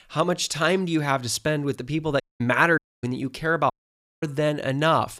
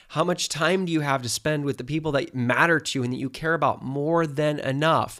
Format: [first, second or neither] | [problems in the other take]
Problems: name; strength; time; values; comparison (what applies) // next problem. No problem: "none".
second | audio cutting out; at 2 s, at 3 s and at 3.5 s for 0.5 s